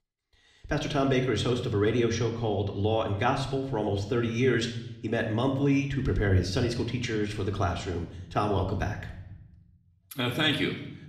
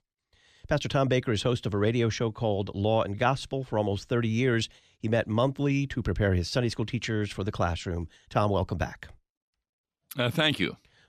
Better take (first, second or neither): second